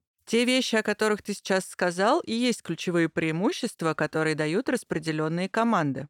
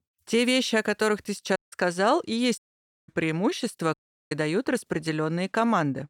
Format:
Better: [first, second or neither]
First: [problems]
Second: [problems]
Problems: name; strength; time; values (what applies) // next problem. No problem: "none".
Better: first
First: none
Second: audio cutting out; at 1.5 s, at 2.5 s for 0.5 s and at 4 s